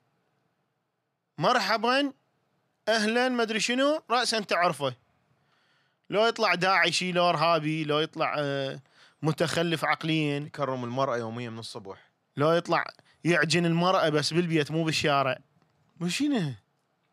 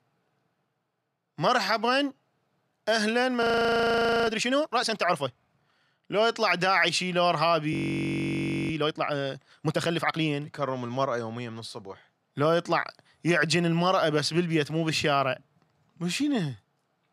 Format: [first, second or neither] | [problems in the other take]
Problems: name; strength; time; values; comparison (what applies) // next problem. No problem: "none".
first | audio freezing; at 3.5 s for 1 s and at 7.5 s for 1 s